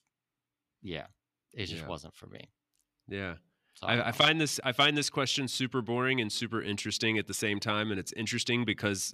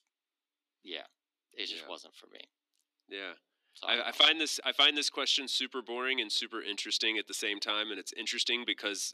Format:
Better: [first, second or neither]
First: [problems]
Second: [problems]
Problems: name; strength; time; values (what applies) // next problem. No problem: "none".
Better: first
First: none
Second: thin; somewhat; fading below 300 Hz